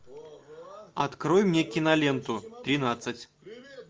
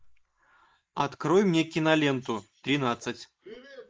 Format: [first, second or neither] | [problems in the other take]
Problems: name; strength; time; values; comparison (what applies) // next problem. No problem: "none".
first | noise reduction (neural mask model Resemble Enhance denoiser)